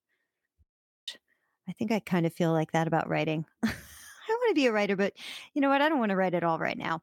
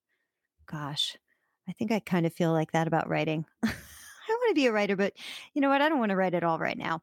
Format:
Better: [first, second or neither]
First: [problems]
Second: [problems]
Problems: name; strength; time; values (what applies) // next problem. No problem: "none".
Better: second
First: audio cutting out; at 0.5 s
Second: none